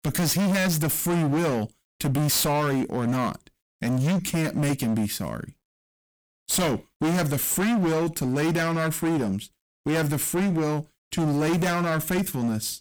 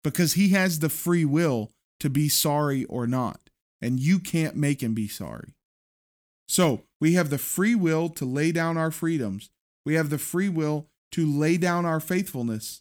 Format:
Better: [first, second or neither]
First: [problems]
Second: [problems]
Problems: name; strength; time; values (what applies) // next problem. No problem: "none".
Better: second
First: distortion; heavy; 26% of the sound clipped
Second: none